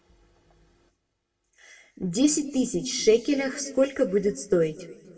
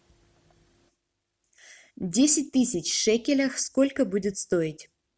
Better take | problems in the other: second | room echo; dies away in 1.6 s

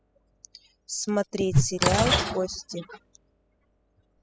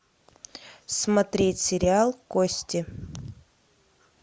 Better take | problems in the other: second | noise reduction (classical method spectral subtraction)

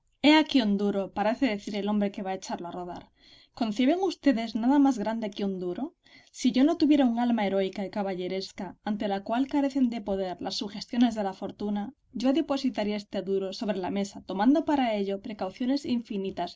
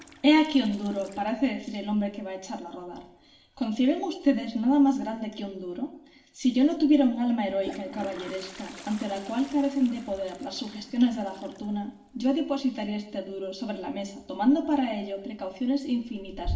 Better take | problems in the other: first | background sound (Toilet flush); 18 dB below the speech // room echo; dies away in 0.8 s

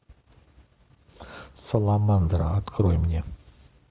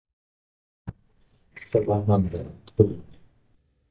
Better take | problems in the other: first | noise reduction (neural mask model DeepFilterNet 3)

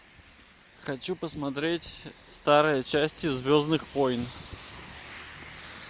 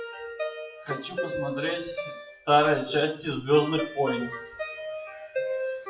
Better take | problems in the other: first | noise reduction (classical method WPE with log-MMSE)

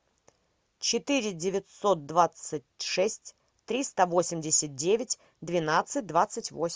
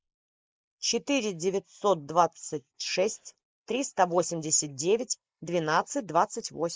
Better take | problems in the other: first | noise reduction (neural mask model Resemble Enhance denoiser)

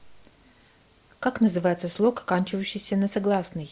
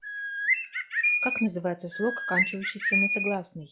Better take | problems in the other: first | noise reduction (classical method log-MMSE)

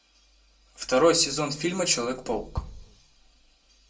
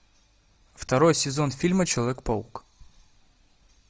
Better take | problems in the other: second | background sound (Bass drum); 10 dB below the speech // room echo; dies away in 0.2 s

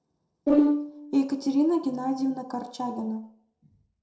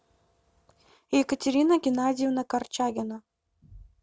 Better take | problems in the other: second | noise reduction (neural separator model SepFormer DNS4)

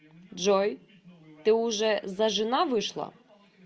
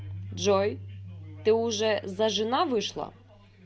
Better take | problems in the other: first | background sound (Keyboard (musical)); 14 dB below the speech

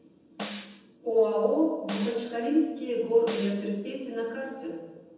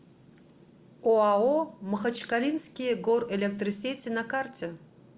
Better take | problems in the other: second | background sound (Snare drum); 14 dB below the speech // room echo; dies away in 1.1 s

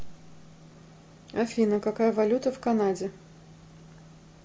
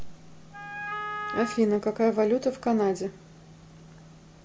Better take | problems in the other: first | background sound (Wind instrument, woodwind instrument); 7 dB below the speech

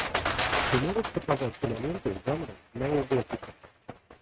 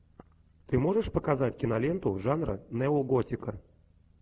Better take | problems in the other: second | noise reduction (neural mask model RNNoise)

